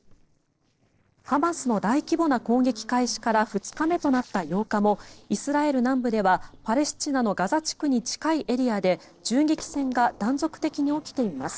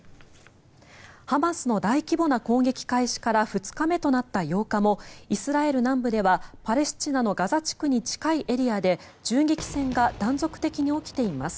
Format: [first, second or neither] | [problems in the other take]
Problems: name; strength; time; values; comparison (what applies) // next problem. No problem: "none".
second | noise reduction (neural separator model SepFormer DNS4)